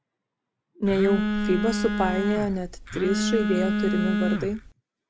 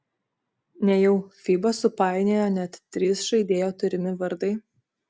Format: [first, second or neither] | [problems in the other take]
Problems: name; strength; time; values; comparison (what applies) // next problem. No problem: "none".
second | background sound (Telephone); 1 dB above the speech